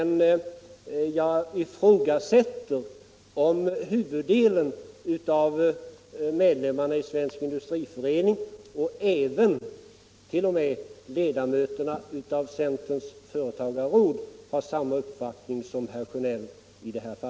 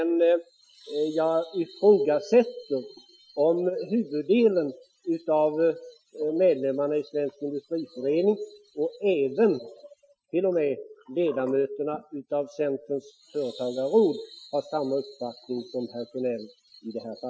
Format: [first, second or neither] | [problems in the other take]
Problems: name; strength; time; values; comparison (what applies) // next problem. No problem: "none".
first | noise reduction (classical method Wiener filter)